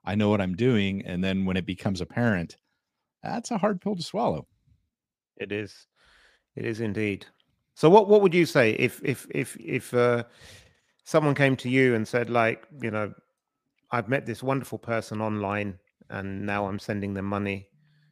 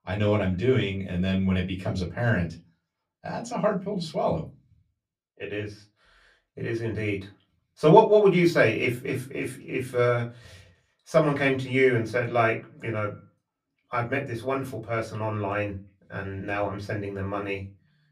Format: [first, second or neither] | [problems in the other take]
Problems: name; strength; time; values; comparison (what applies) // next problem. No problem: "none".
first | off-mic speech; far // room echo; very slight; dies away in 0.2 s